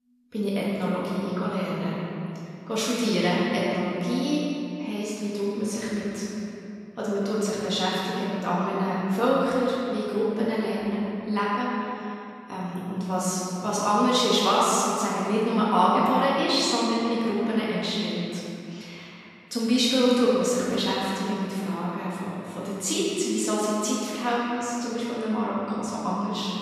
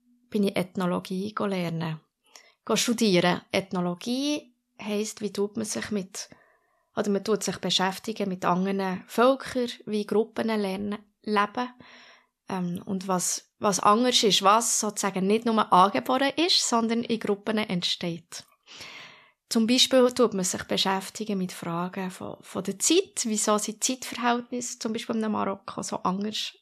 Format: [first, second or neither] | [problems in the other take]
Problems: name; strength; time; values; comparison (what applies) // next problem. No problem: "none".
second | off-mic speech; far // room echo; strong; dies away in 2.5 s